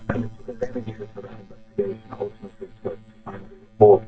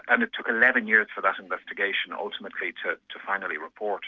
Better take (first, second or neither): second